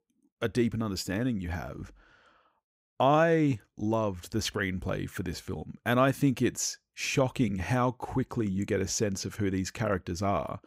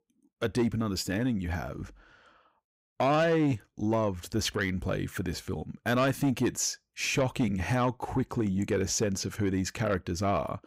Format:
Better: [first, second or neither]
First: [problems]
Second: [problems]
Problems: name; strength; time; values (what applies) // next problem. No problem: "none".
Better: first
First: none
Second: distortion; slight; 10 dB below the speech